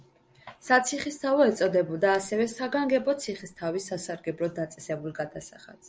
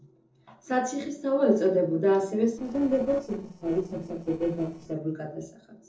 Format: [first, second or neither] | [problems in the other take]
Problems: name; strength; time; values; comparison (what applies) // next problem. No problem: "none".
first | noise reduction (neural separator model SepFormer DNS4)